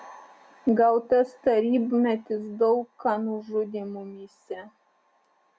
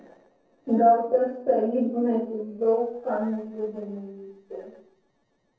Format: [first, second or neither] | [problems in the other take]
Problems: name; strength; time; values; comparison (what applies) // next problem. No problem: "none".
first | noise reduction (neural separator model SepFormer DNS4)